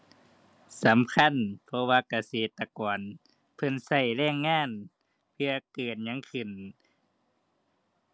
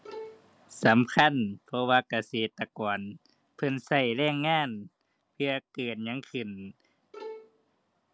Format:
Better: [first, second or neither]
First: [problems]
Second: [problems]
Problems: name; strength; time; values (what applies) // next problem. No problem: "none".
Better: first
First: none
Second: background sound (Bowed string instrument); 16 dB below the speech